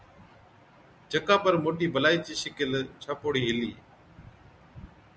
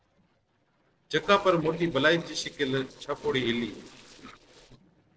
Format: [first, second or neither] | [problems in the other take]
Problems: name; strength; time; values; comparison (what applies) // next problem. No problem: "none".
first | noise reduction (neural separator model SepFormer DNS4)